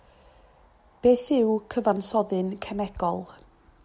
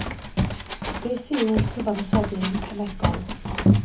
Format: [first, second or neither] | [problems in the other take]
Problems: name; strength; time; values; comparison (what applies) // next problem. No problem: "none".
first | background sound (Run); 4 dB above the speech // room echo; dies away in 0.4 s